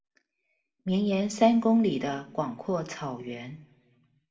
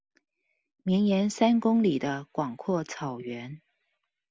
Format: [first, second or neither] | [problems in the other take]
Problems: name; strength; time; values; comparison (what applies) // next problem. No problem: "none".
second | room echo; dies away in 0.9 s